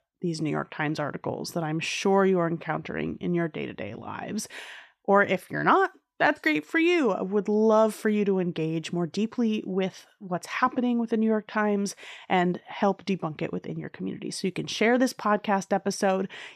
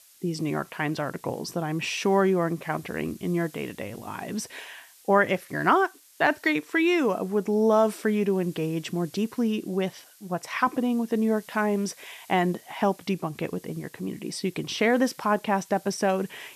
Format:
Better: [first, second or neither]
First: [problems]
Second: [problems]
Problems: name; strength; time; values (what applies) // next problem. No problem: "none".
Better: first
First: none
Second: hiss; faint; throughout; 25 dB below the speech